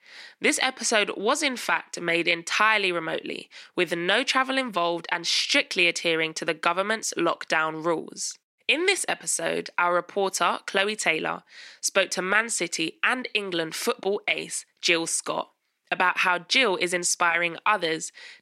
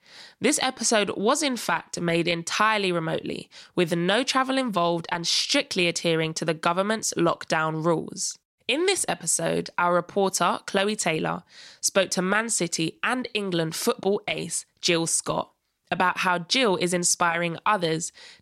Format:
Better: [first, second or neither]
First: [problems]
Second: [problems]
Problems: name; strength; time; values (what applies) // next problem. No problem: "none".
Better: second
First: thin; very slightly; fading below 300 Hz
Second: none